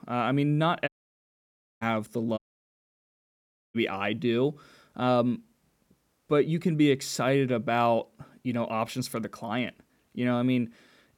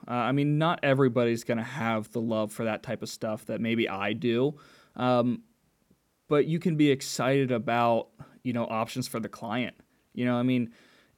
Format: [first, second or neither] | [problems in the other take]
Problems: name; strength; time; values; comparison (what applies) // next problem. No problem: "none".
second | audio cutting out; at 1 s for 1 s and at 2.5 s for 1.5 s